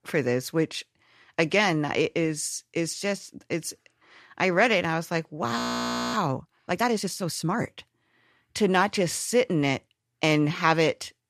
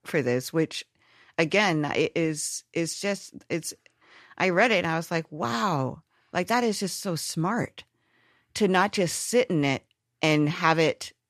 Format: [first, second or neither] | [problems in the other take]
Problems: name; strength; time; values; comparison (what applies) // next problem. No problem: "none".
second | audio freezing; at 5.5 s for 0.5 s